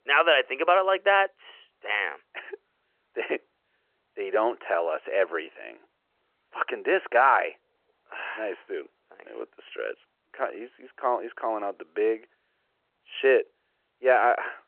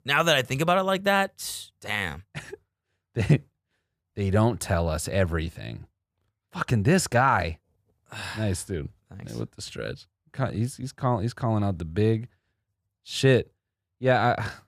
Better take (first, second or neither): second